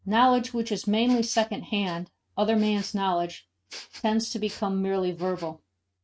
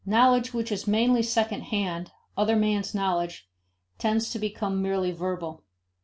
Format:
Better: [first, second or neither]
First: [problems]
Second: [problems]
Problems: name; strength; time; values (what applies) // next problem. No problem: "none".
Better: second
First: noise reduction (neural mask model RNNoise)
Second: none